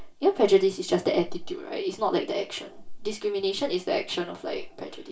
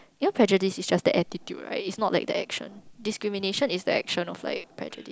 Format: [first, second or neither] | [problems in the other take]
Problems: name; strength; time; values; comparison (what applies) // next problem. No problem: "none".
second | room echo; dies away in 0.2 s